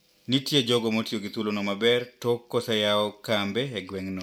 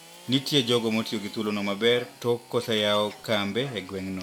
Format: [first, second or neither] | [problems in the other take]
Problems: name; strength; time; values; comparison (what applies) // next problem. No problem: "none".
first | background sound (Scratching (performance technique) + Sawing / Engine); 20 dB below the speech